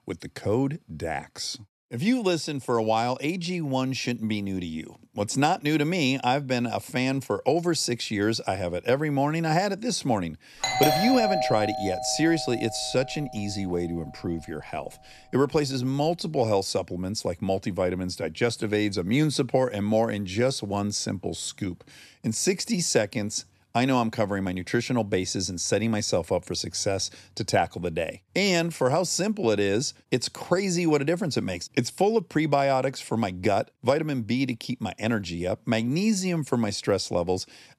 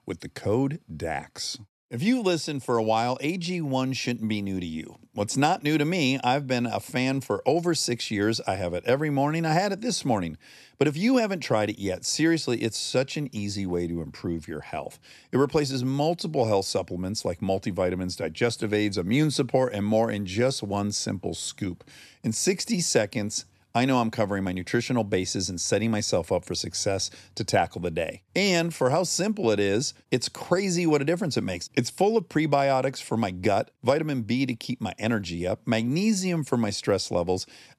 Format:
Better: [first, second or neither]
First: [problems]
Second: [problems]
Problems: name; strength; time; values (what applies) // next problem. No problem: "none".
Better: second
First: doorbell; loud; from 11 to 13 s; peak 3 dB above the speech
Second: none